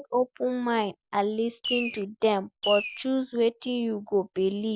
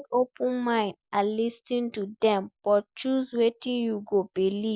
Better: second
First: background sound (Fireworks); 5 dB below the speech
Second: none

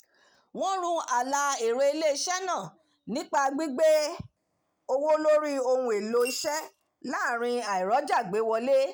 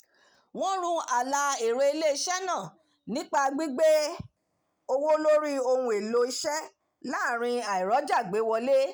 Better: second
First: background sound (Coin (dropping) / Glass); 16 dB below the speech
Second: none

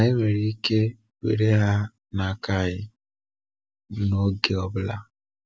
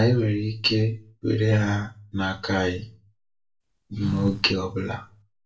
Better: first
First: none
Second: background sound (Telephone); 11 dB below the speech // room echo; dies away in 0.2 s

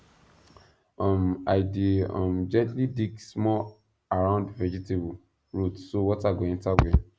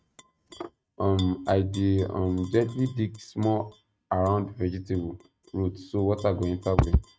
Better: first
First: none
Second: noise reduction (neural mask model RNNoise)

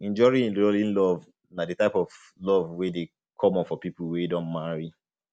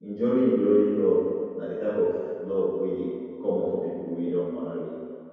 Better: first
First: none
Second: room echo; dies away in 2.2 s

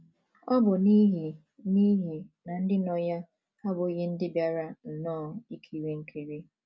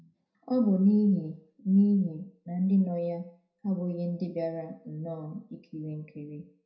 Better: first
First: none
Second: room echo; dies away in 0.5 s

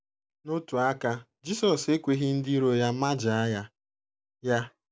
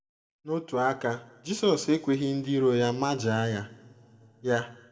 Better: first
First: none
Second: room echo; dies away in 1.8 s

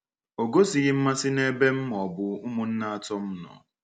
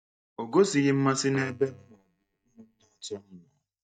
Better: first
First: none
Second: noise reduction (neural mask model DeepFilterNet 3)

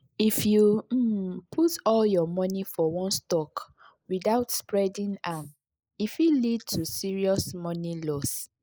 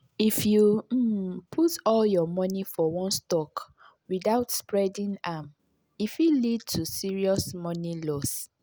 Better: second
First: noise reduction (neural mask model Resemble Enhance denoiser)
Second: none

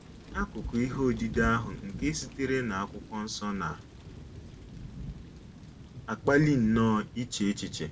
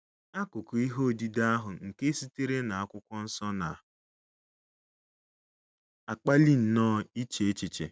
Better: second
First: background sound (Thunder / Rain); 11 dB below the speech // room echo; dies away in 0.2 s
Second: none

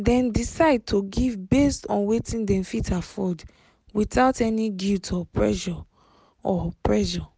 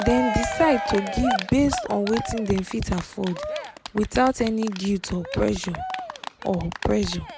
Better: first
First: none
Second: background sound (Cheering); 7 dB below the speech

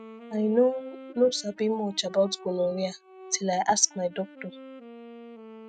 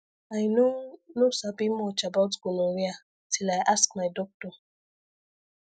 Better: second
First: noise reduction (neural mask model RNNoise)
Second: none

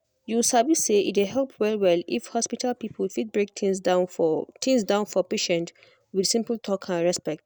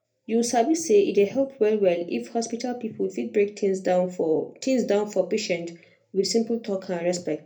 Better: first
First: none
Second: room echo; dies away in 0.3 s

